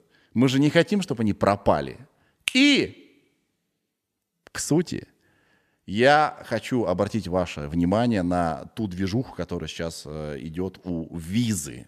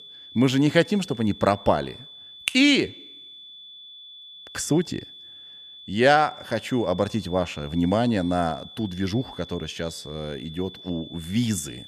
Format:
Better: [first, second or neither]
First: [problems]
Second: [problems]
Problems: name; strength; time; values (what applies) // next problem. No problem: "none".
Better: first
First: none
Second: high-pitched whine; noticeable; throughout; 3.5 kHz, 15 dB below the speech